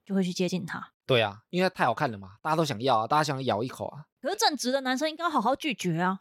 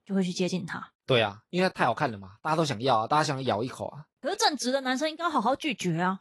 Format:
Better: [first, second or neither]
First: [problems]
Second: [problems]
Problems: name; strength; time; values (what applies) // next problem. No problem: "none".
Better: first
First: none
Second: garbled, watery; slightly; nothing above 11.5 kHz